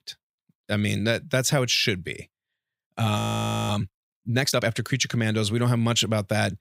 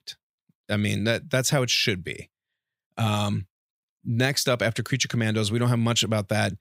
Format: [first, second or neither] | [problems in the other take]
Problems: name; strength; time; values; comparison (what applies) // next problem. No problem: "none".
second | audio freezing; at 3 s for 0.5 s